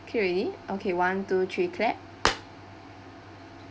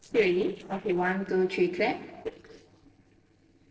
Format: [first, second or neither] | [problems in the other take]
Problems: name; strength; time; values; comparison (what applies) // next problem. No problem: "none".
first | noise reduction (neural separator model SepFormer DNS4)